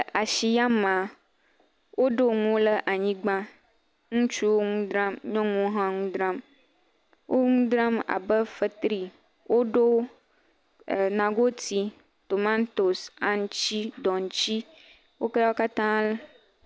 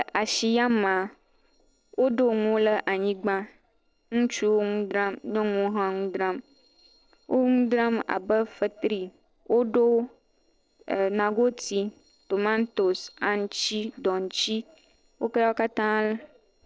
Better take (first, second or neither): first